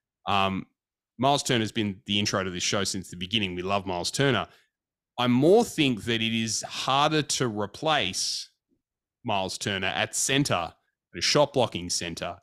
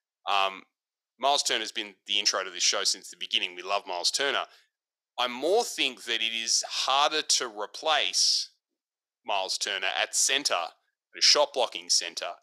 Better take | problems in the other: first | thin; very; fading below 500 Hz

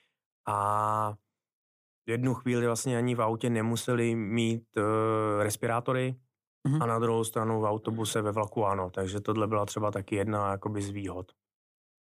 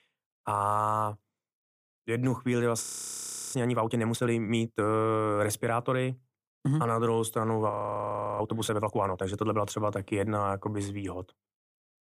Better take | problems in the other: first | audio freezing; at 3 s for 0.5 s and at 7.5 s for 0.5 s

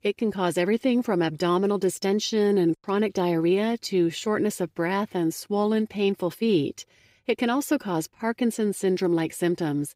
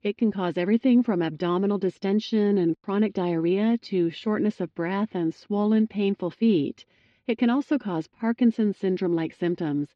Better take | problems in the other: first | muffled; slightly; fading above 4 kHz

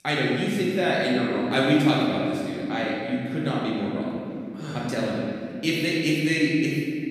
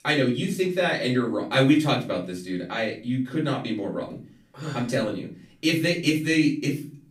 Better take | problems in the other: second | room echo; strong; dies away in 2.5 s; slight in the second // off-mic speech; far; far in the second

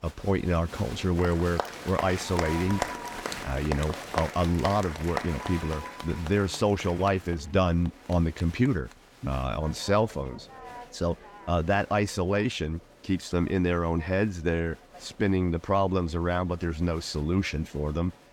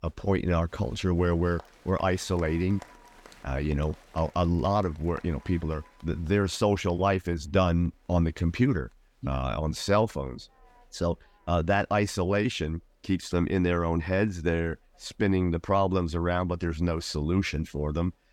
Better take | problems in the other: second | crowd noise; loud; throughout; 10 dB below the speech; faint in the second

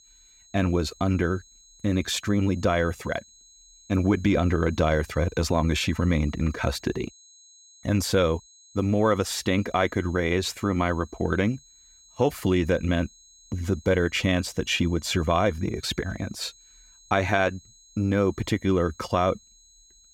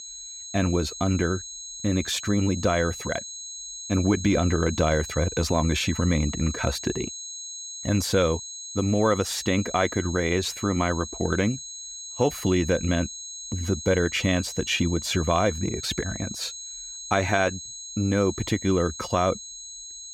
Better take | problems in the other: first | high-pitched whine; loud; throughout; 6.5 kHz, 10 dB below the speech; faint in the first

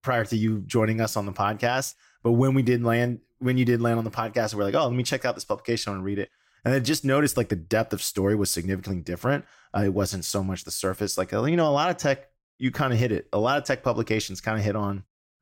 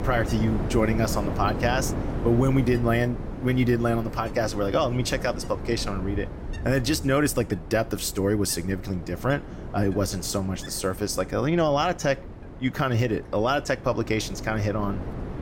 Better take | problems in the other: first | wind noise on the microphone; occasional gusts; 10 dB below the speech

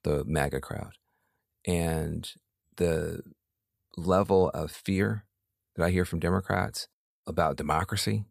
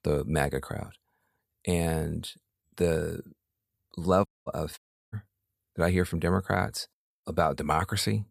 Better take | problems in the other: first | audio cutting out; at 4.5 s and at 5 s

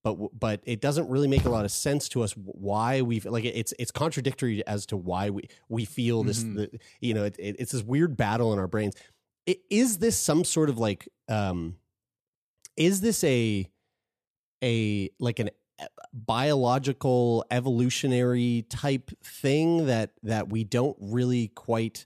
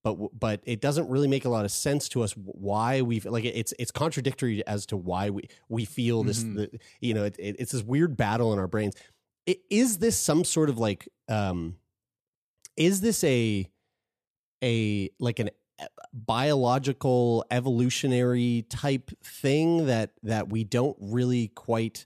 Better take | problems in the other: second | footsteps; noticeable; at 1.5 s; peak 2 dB below the speech

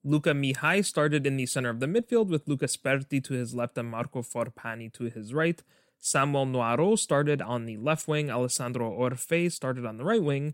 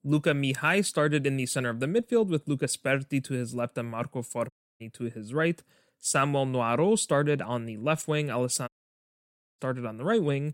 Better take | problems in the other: first | audio cutting out; at 4.5 s and at 8.5 s for 1 s

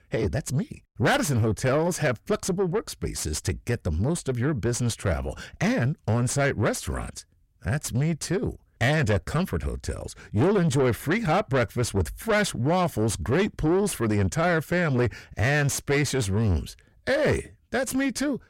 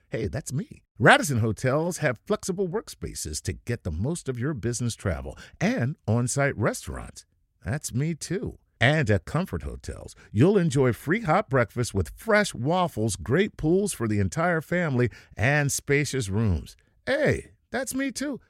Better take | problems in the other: second | distortion; heavy; 7 dB below the speech

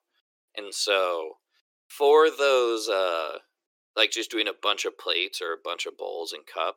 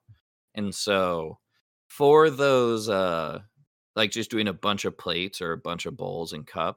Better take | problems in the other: second | thin; very; fading below 350 Hz

